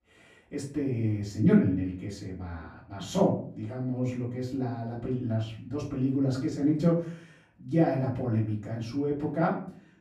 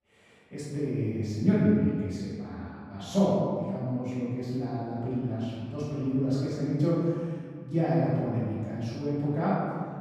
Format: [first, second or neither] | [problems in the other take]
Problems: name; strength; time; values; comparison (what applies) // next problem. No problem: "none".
first | room echo; strong; dies away in 1.7 s; slight in the first // off-mic speech; far; far in the first